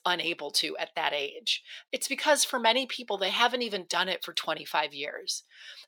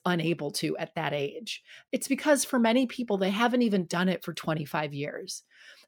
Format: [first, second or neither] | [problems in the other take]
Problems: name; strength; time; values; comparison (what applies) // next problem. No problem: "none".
second | thin; somewhat; fading below 500 Hz